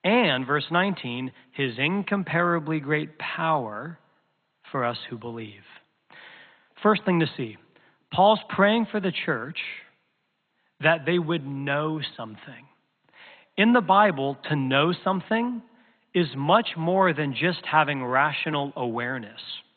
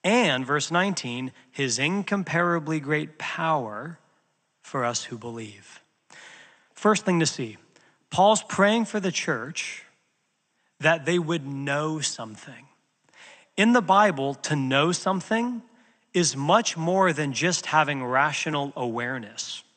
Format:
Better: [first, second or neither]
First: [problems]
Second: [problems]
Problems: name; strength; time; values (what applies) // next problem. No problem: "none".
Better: second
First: garbled, watery; badly; nothing above 4 kHz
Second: garbled, watery; slightly; nothing above 8.5 kHz